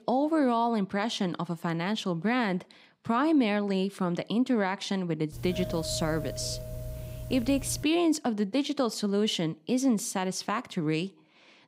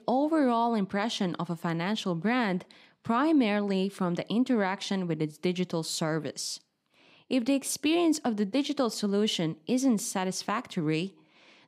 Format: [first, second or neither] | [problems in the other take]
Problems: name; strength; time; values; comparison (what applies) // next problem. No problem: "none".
second | doorbell; noticeable; from 5.5 to 8 s; peak 8 dB below the speech